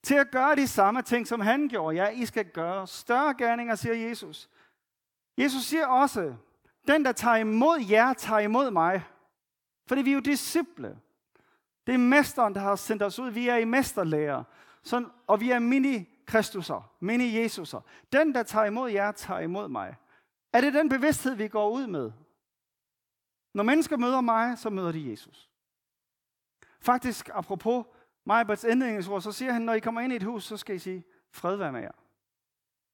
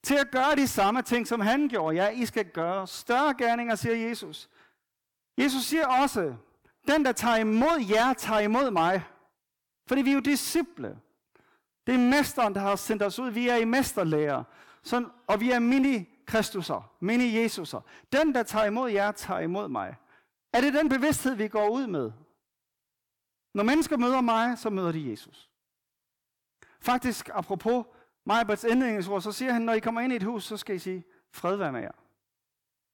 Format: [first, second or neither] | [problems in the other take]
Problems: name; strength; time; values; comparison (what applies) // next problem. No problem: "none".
first | distortion; slight; 7% of the sound clipped